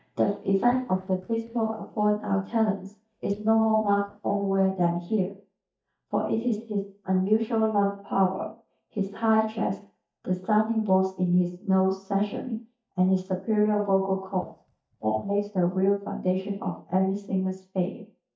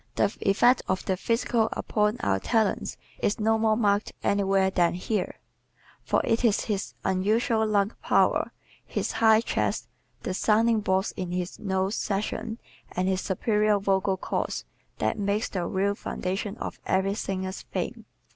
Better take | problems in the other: second | noise reduction (neural mask model DeepFilterNet 3)

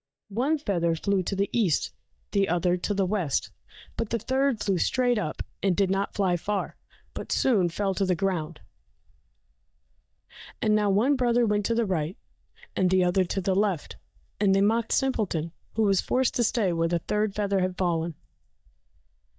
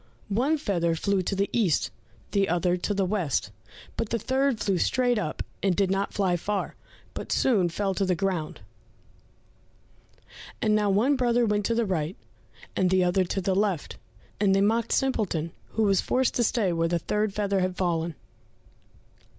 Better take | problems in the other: second | noise reduction (neural mask model DeepFilterNet 3)

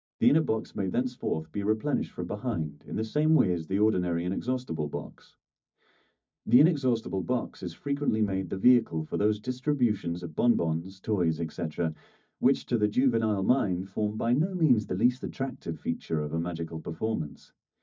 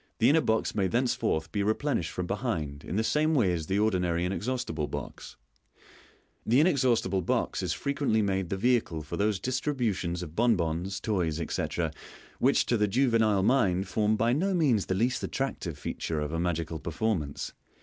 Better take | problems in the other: second | noise reduction (neural mask model DeepFilterNet 3)

